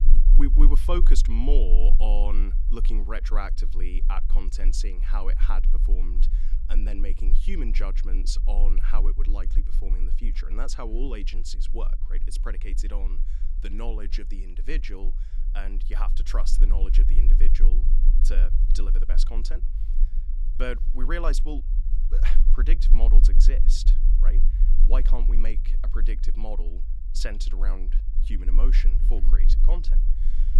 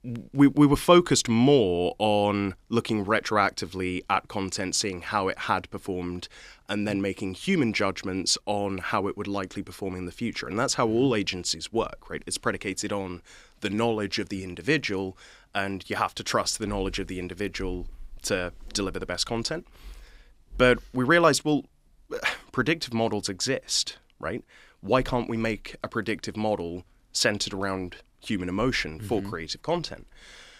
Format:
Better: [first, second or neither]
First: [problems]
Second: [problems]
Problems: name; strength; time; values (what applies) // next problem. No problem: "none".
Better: second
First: low rumble; noticeable; throughout; 15 dB below the speech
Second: none